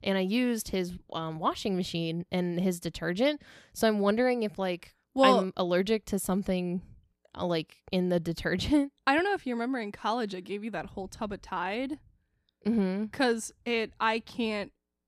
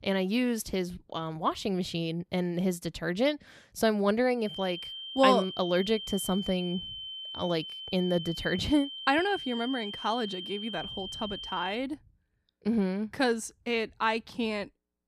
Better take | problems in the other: first | high-pitched whine; loud; from 4.5 to 12 s; 3 kHz, 8 dB below the speech

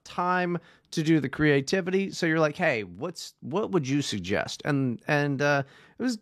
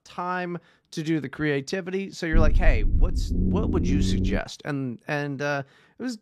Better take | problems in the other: first | low rumble; loud; from 2.5 to 4.5 s; 6 dB below the speech

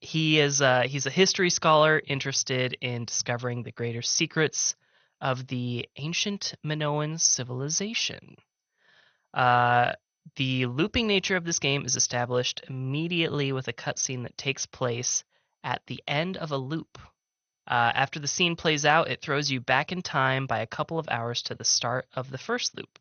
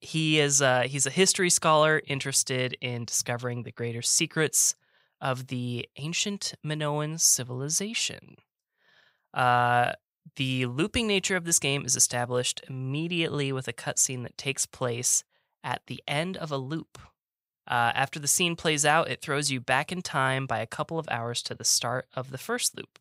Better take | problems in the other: second | garbled, watery; slightly; nothing above 6.5 kHz

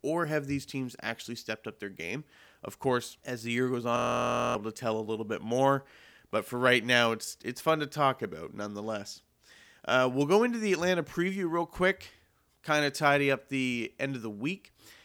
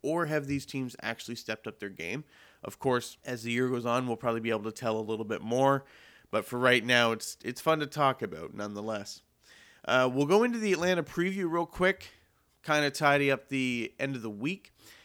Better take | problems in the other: second | audio freezing; at 4 s for 0.5 s

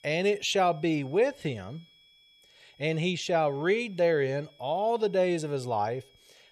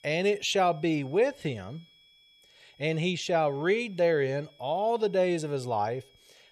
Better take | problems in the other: neither | high-pitched whine; faint; throughout; 3.5 kHz, 30 dB below the speech; the same in both

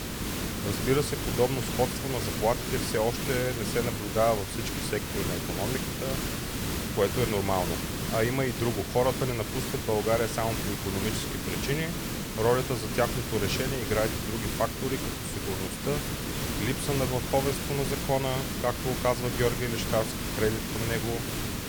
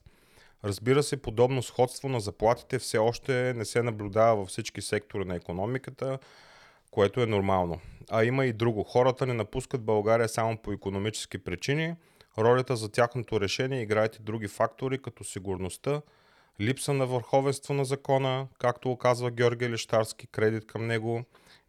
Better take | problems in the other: second | hiss; loud; throughout; 1 dB below the speech

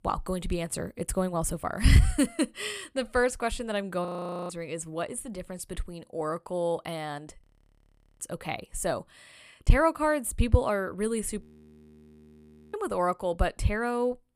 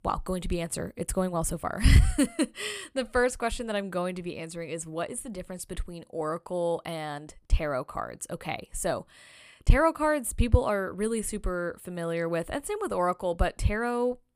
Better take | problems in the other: second | audio freezing; at 4 s, at 7.5 s for 1 s and at 11 s for 1.5 s

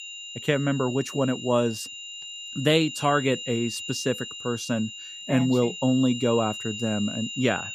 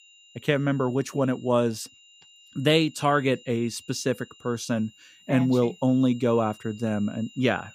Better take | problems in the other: second | high-pitched whine; loud; throughout; 3 kHz, 9 dB below the speech; faint in the second

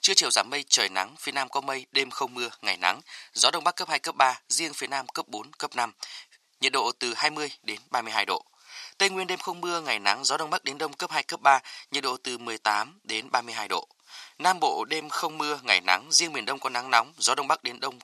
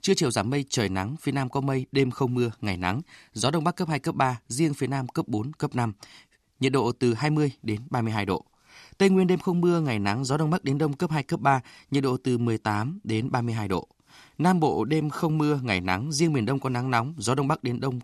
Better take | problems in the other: second | thin; very; fading below 800 Hz

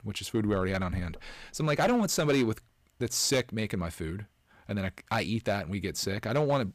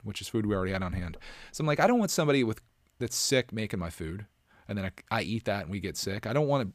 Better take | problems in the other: second | distortion; slight; 4% of the sound clipped

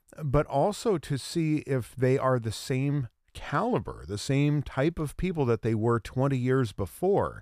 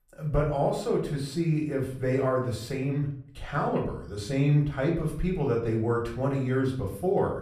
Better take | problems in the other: first | off-mic speech; far // room echo; slight; dies away in 0.5 s

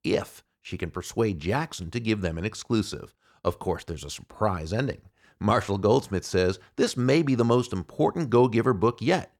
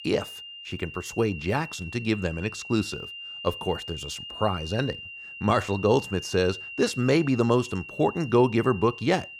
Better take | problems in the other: first | high-pitched whine; noticeable; throughout; 3 kHz, 10 dB below the speech

